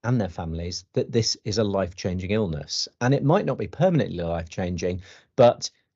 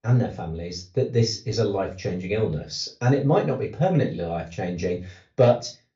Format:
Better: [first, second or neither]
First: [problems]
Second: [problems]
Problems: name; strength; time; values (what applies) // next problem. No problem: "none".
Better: first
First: none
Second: off-mic speech; far // room echo; very slight; dies away in 0.2 s